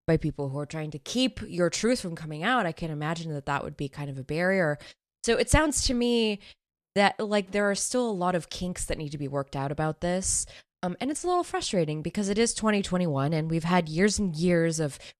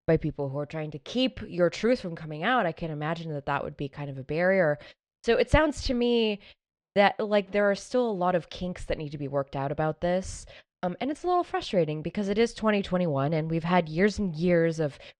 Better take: first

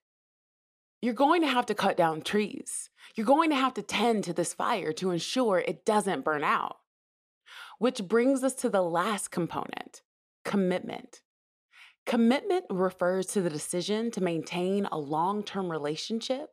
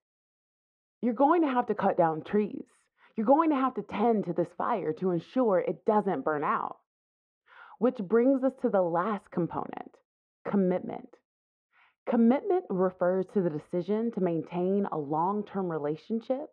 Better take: first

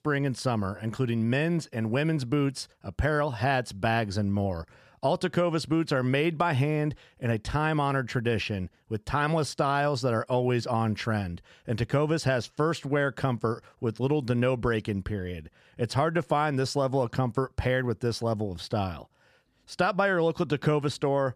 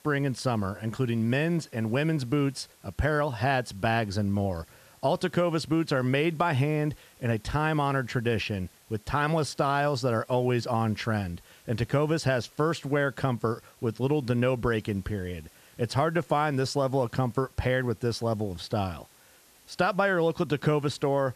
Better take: first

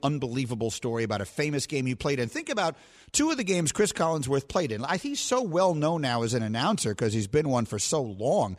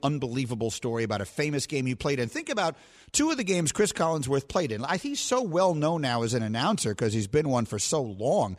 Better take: neither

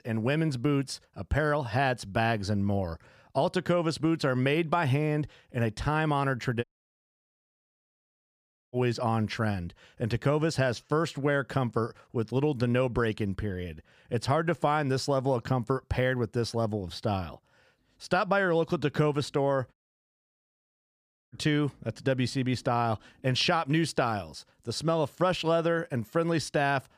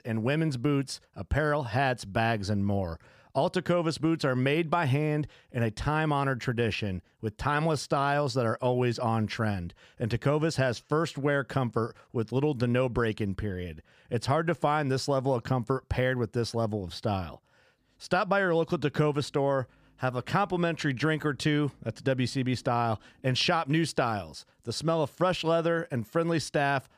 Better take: second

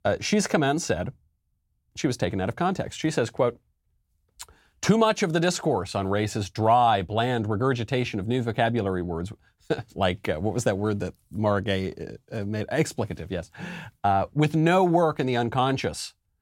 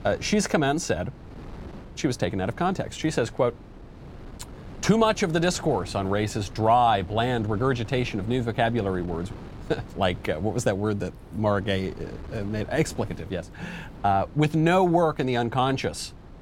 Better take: first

